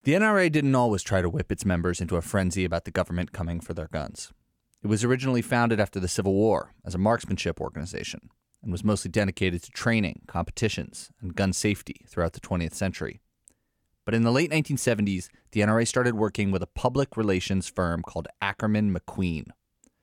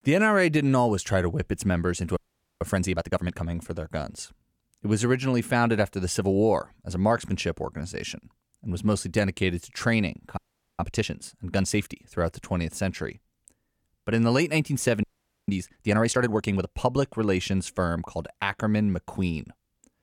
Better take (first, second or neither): first